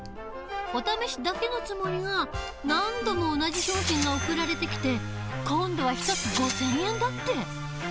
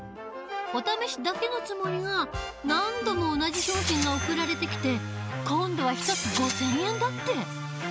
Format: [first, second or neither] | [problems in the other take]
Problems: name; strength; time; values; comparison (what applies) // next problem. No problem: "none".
second | background sound (Tick); 17 dB below the speech